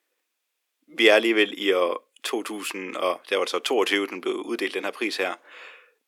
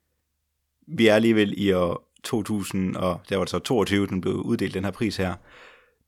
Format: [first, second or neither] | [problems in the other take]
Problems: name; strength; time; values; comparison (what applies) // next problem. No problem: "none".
second | thin; somewhat; fading below 300 Hz